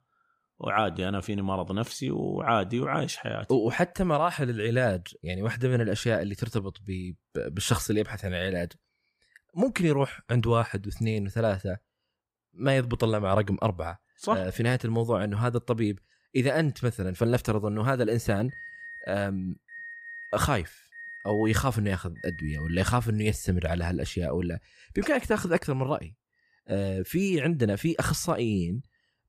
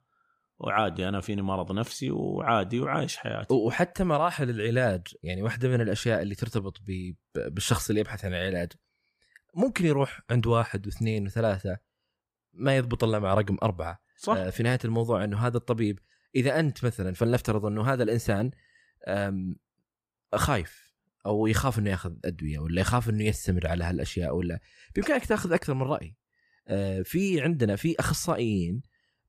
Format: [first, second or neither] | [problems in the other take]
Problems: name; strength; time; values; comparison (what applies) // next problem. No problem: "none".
second | alarm; faint; from 18 to 23 s; peak 10 dB below the speech